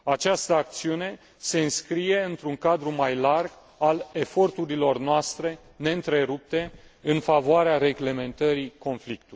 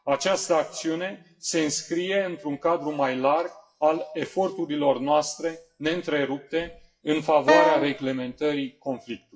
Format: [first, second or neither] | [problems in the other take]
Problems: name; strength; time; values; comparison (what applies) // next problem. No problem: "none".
first | noise reduction (classical method WPE with log-MMSE)